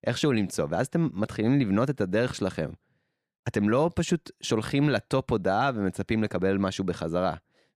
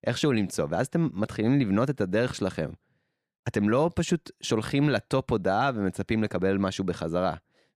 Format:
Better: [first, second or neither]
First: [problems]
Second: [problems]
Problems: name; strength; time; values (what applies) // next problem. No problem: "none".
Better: neither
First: none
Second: none